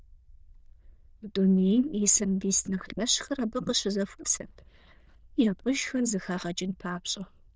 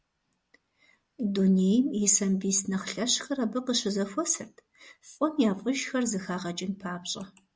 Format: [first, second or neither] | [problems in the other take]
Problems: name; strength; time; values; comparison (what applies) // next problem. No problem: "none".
second | noise reduction (neural diffusion model UNIVERSE++)